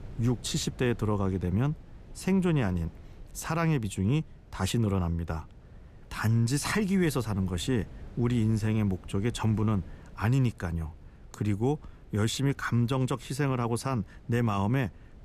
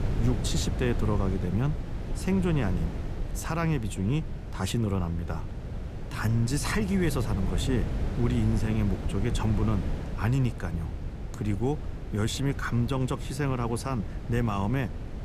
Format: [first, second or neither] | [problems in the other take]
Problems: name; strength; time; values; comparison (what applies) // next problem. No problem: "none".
first | wind noise on the microphone; heavy; 9 dB below the speech; occasional gusts in the first